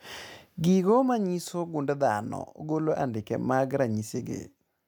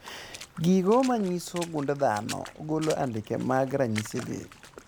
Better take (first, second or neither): first